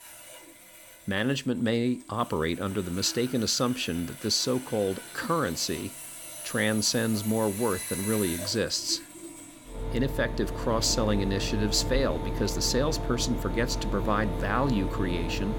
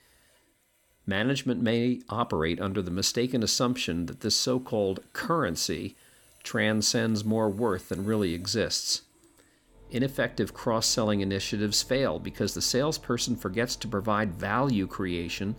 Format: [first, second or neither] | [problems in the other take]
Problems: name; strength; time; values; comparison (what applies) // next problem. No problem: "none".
second | machinery noise; loud; throughout; 8 dB below the speech; faint in the second